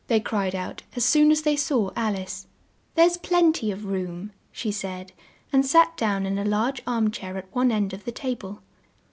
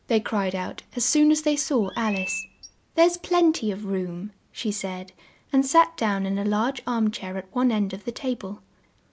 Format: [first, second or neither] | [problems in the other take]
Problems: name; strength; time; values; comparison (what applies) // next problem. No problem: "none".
first | background sound (Chirp, tweet); 12 dB below the speech